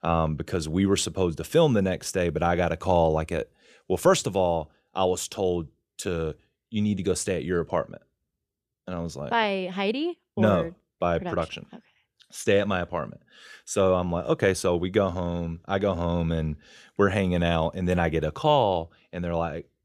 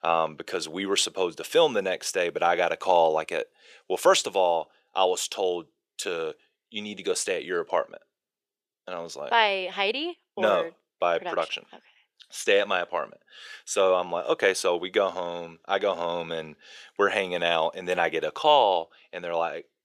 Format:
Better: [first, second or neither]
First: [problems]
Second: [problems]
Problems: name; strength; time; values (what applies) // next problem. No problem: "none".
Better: first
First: none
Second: thin; very; fading below 500 Hz